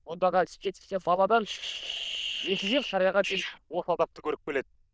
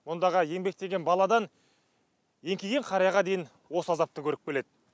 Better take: second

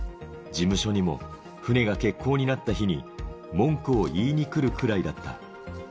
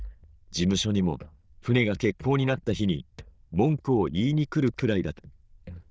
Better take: first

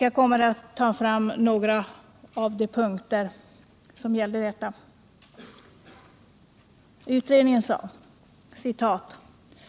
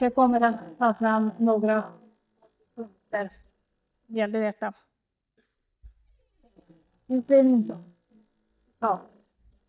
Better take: first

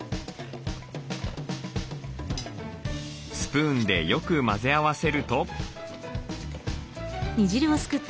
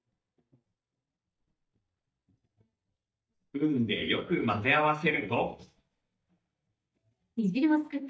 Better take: first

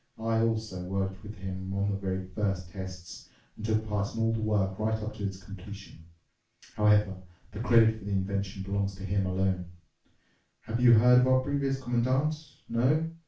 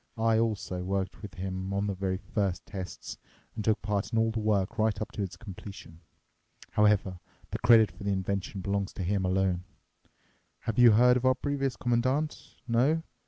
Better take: second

